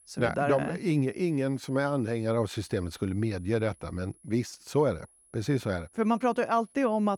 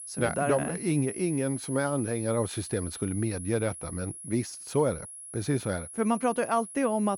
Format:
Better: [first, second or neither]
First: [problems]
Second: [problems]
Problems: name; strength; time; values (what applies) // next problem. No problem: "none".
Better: first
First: high-pitched whine; faint; throughout; 10.5 kHz, 30 dB below the speech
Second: high-pitched whine; loud; throughout; 10.5 kHz, 10 dB below the speech